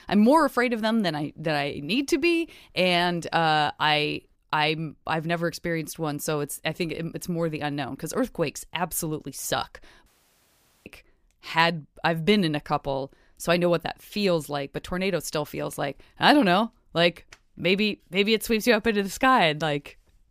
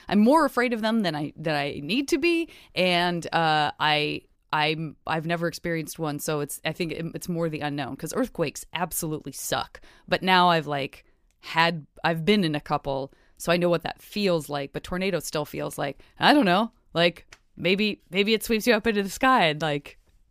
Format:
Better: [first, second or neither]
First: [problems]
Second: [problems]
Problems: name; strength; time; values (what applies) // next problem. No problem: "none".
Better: second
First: audio cutting out; at 10 s for 1 s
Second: none